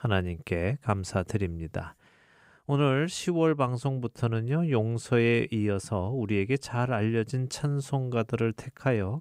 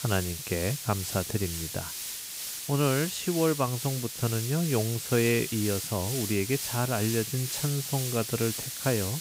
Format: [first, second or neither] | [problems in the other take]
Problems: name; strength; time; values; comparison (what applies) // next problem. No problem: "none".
first | hiss; loud; throughout; 4 dB below the speech